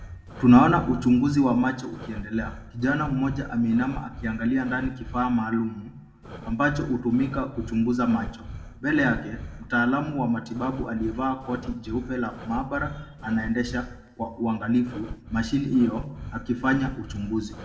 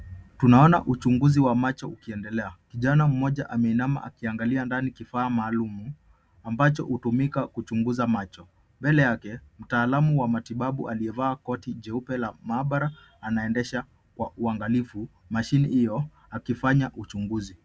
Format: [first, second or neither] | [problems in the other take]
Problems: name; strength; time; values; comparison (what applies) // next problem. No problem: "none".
second | background sound (Breathing); 15 dB below the speech // room echo; dies away in 0.8 s